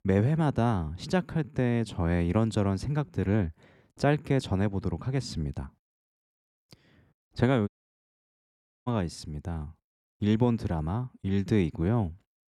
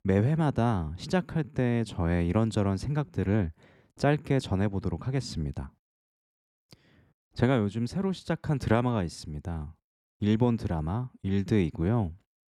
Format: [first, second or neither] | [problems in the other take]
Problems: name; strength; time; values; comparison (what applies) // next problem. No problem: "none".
second | audio cutting out; at 7.5 s for 1 s